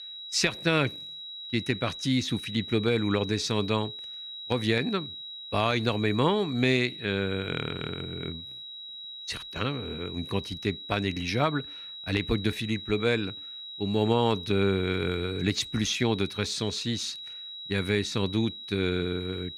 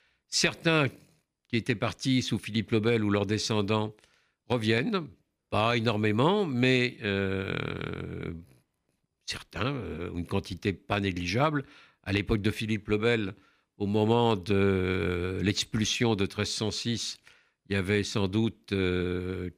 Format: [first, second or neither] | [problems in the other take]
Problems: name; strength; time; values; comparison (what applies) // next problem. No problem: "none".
second | high-pitched whine; loud; throughout; 4 kHz, 10 dB below the speech